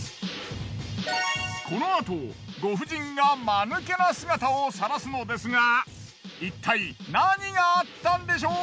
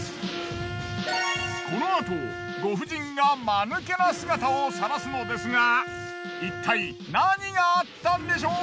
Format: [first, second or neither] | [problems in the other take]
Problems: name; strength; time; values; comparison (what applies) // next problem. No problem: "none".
first | background sound (Bowed string instrument); 10 dB below the speech